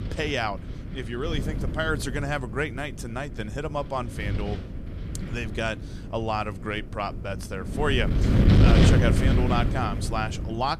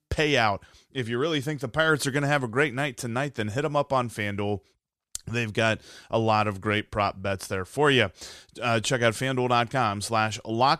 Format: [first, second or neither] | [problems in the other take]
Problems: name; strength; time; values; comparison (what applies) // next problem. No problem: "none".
second | wind noise on the microphone; heavy; 3 dB below the speech